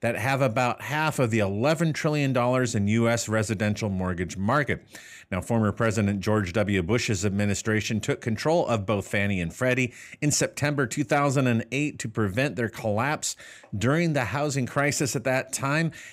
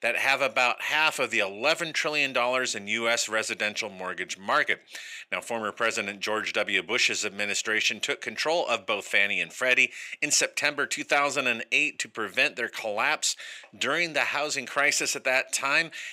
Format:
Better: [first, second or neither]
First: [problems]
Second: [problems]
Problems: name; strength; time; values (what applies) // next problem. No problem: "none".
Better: first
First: none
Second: thin; very; fading below 450 Hz